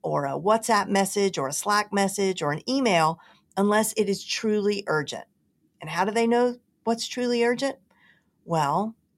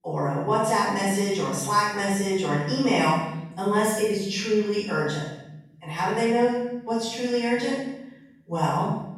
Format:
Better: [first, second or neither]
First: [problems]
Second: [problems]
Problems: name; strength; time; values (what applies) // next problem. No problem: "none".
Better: first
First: none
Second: room echo; strong; dies away in 1 s // off-mic speech; far